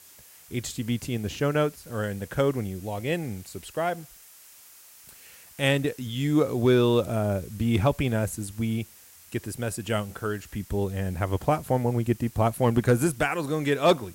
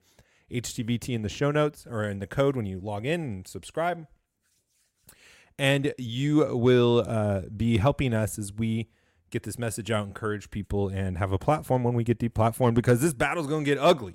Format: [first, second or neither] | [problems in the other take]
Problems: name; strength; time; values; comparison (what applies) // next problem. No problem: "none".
second | hiss; faint; throughout; 20 dB below the speech